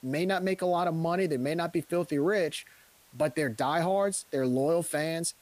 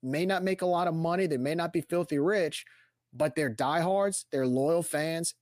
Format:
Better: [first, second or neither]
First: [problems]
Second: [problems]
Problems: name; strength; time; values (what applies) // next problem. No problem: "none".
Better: second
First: hiss; faint; throughout; 30 dB below the speech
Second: none